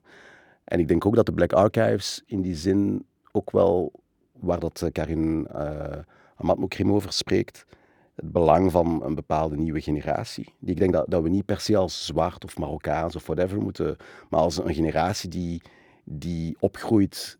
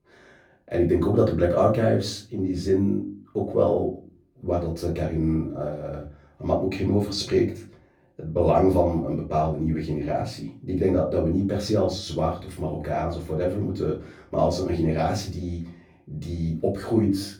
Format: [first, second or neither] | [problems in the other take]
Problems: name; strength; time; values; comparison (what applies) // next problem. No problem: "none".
first | off-mic speech; far // room echo; slight; dies away in 0.3 s